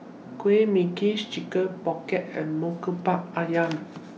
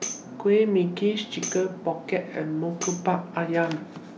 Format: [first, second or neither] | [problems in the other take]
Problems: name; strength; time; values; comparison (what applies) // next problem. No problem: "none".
first | background sound (Tambourine); 14 dB below the speech